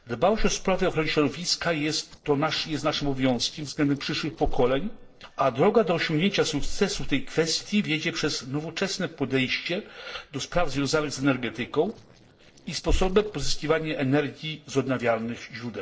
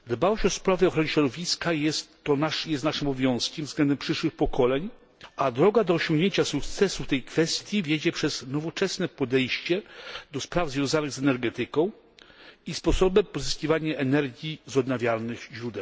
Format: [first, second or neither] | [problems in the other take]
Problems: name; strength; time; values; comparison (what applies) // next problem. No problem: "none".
second | noise reduction (neural separator model SepFormer DNS4)